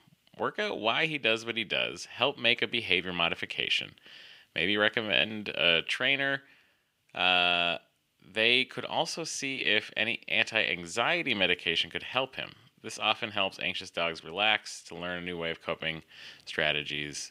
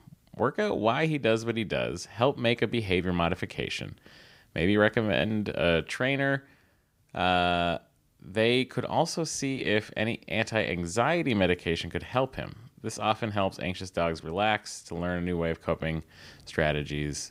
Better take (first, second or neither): second